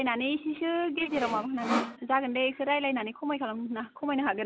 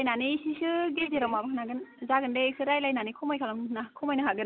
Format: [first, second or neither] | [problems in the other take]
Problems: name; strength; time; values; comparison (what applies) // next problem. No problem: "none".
second | background sound (Sawing); 4 dB below the speech